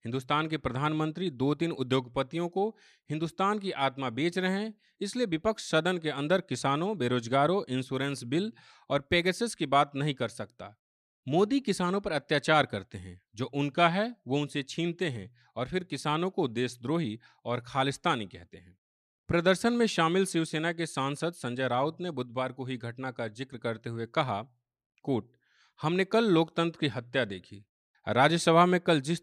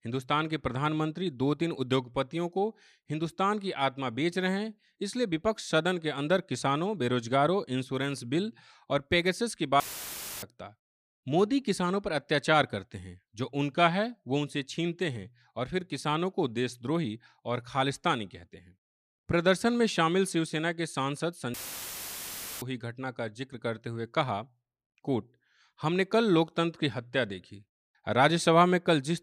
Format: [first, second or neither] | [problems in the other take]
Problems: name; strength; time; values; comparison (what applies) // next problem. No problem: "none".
first | audio cutting out; filled with static; at 10 s for 0.5 s and at 22 s for 1 s